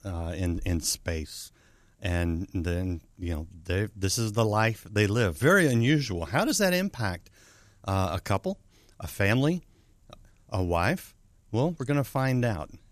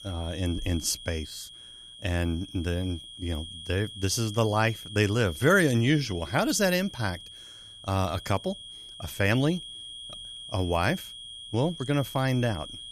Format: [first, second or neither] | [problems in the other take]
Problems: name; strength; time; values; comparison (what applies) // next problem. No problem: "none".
first | high-pitched whine; noticeable; throughout; 3.5 kHz, 15 dB below the speech